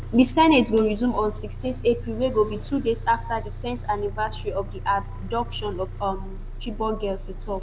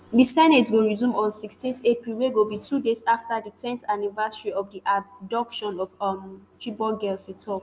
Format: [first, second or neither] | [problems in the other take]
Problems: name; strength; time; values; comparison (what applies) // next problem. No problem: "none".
second | background sound (Bus); 9 dB below the speech